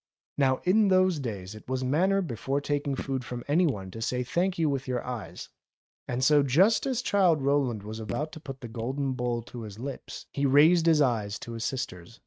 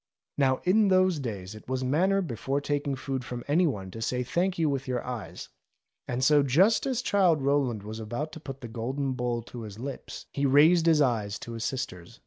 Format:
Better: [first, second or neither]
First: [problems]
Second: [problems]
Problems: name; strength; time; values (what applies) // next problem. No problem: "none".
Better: second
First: noise reduction (neural mask model RNNoise)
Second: none